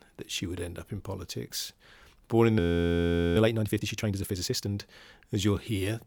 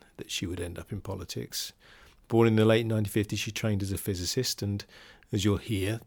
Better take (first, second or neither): second